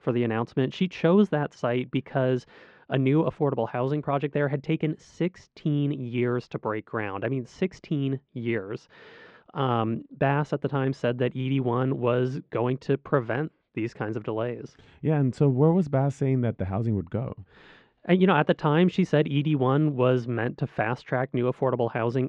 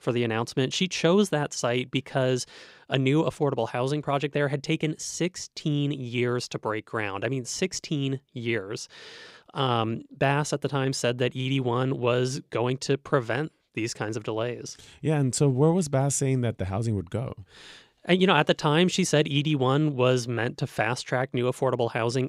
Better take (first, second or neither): second